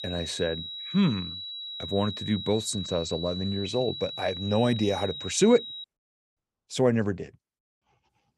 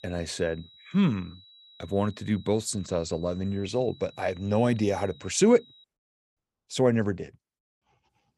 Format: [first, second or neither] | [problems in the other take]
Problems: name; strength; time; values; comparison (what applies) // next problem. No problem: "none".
second | high-pitched whine; loud; until 6 s; 4 kHz, 8 dB below the speech; faint in the second